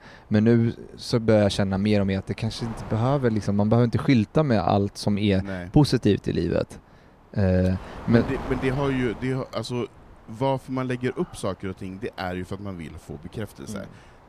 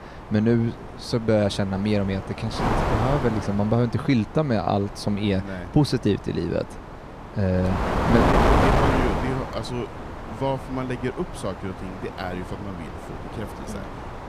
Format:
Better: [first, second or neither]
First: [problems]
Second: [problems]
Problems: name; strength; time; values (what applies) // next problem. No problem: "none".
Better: first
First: wind noise on the microphone; occasional gusts; 15 dB below the speech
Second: wind noise on the microphone; heavy; 1 dB above the speech